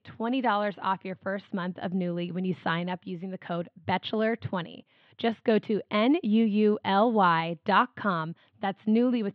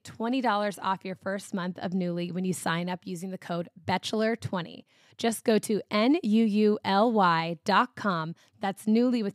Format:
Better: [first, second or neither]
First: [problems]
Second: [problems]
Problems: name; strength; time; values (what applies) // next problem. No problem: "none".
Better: second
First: muffled; slightly; fading above 3.5 kHz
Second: none